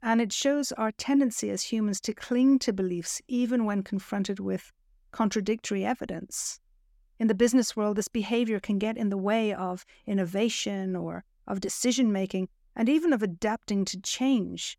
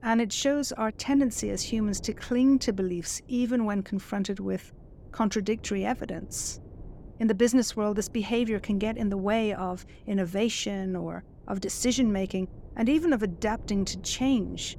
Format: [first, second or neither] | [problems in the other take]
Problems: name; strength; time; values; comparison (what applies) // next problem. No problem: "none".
first | wind noise on the microphone; occasional gusts; 25 dB below the speech